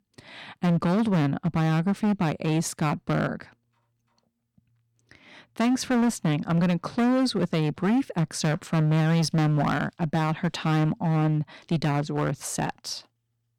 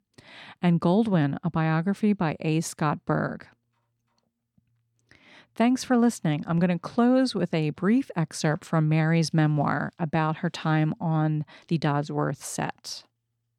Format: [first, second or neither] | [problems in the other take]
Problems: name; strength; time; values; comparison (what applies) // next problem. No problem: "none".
second | distortion; slight; 13% of the sound clipped